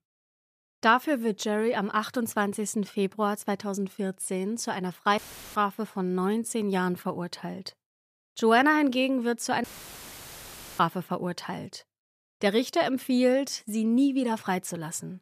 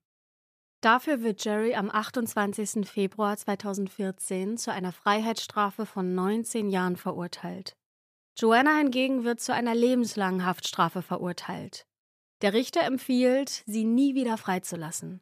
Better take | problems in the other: second | audio cutting out; filled with static; at 5 s and at 9.5 s for 1 s

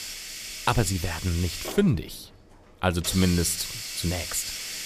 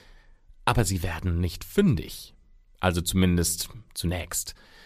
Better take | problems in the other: second | hiss; loud; throughout; 7 dB below the speech

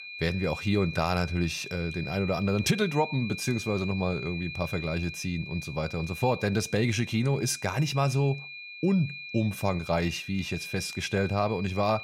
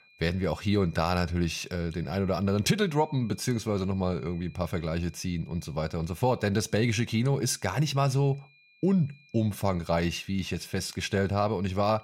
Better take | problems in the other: second | high-pitched whine; loud; throughout; 2.5 kHz, 10 dB below the speech; faint in the second

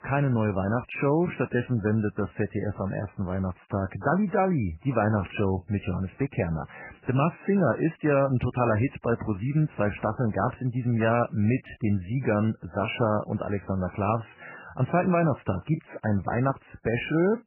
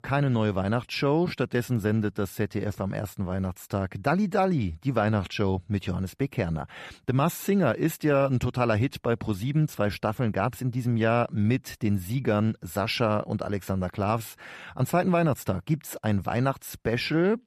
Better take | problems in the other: second | garbled, watery; badly; nothing above 3 kHz

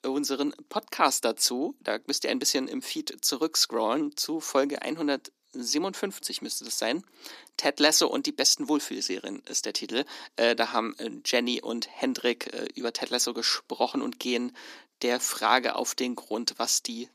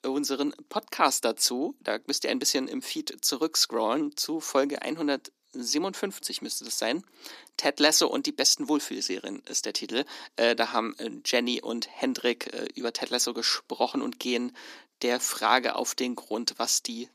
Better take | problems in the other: neither | thin; somewhat; fading below 250 Hz; the same in both

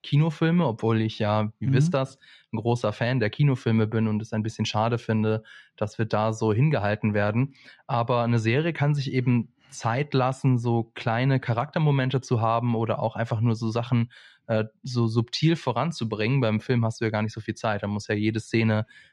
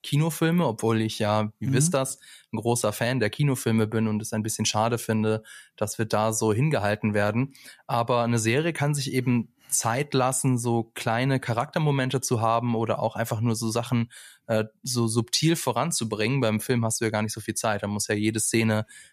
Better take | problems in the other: second | muffled; slightly; fading above 4 kHz

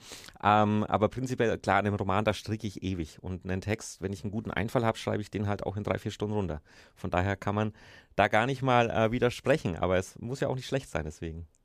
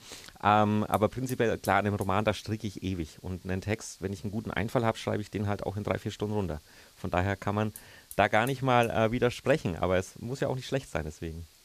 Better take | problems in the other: first | hiss; faint; throughout; 25 dB below the speech

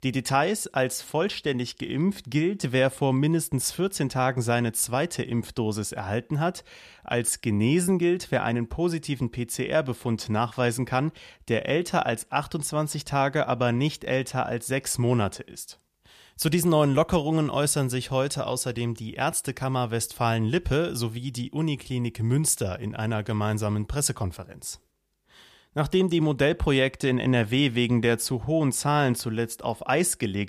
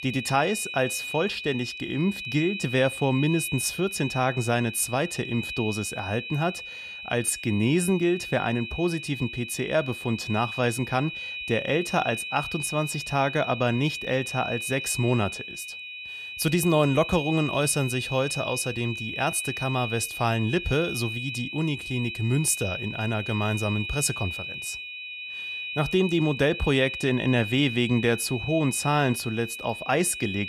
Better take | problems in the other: first | high-pitched whine; loud; throughout; 2.5 kHz, 7 dB below the speech

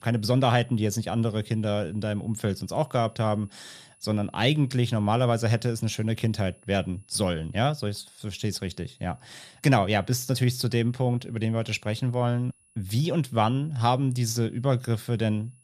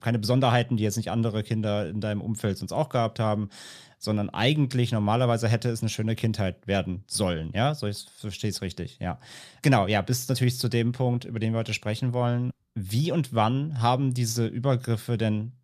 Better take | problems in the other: second | high-pitched whine; faint; throughout; 10.5 kHz, 30 dB below the speech

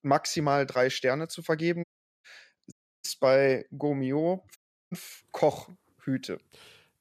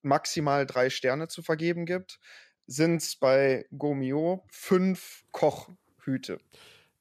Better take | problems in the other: second | audio cutting out; at 2 s, at 2.5 s and at 4.5 s

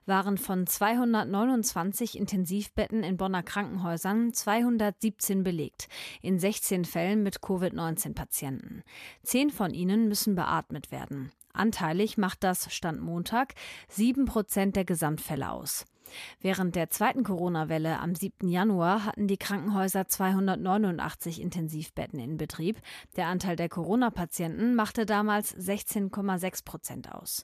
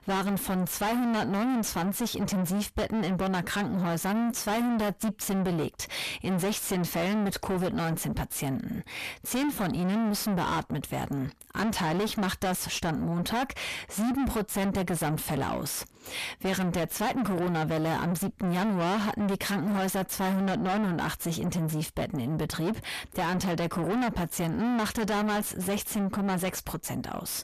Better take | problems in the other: first | distortion; heavy; 4 dB below the speech

